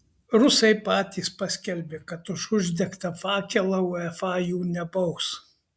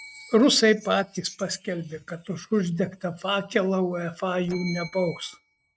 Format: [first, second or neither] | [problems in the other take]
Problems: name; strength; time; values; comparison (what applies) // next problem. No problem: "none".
first | noise reduction (neural mask model RNNoise)